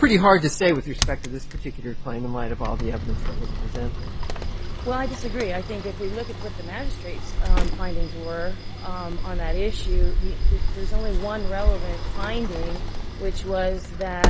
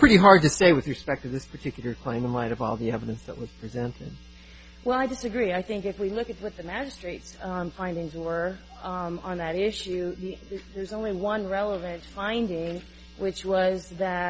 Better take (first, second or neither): second